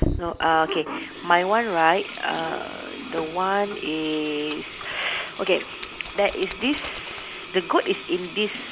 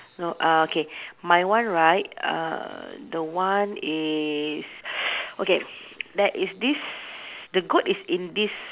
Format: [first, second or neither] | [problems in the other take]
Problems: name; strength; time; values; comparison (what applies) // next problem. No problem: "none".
second | background sound (Sink (filling or washing)); 9 dB below the speech